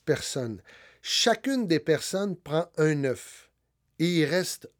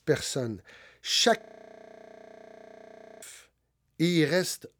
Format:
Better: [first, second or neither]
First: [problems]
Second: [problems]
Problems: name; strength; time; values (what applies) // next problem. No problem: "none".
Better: first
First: none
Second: audio freezing; at 1.5 s for 2 s